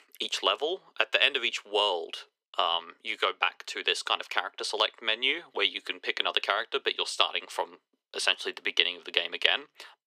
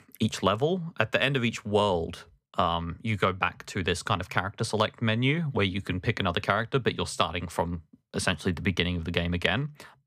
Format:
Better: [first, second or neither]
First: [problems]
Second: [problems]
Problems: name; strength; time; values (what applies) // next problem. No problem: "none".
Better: second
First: thin; very; fading below 350 Hz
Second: none